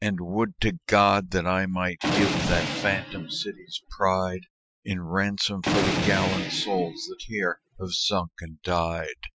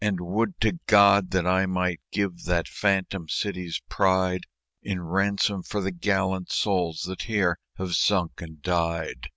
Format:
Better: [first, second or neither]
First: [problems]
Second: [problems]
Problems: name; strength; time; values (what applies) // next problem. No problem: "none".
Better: second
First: noise reduction (classical method Wiener filter)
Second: none